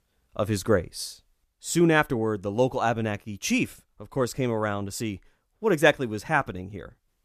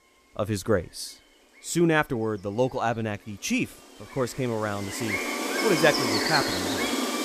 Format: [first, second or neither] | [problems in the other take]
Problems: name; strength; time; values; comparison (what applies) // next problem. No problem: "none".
first | animal sounds; very loud; throughout; 1 dB above the speech